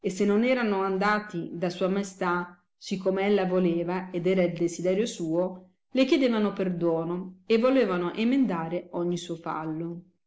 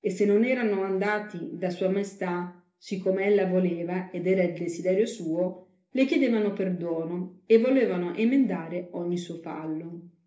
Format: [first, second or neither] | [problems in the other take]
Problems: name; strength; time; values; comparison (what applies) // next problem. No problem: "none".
first | room echo; dies away in 0.3 s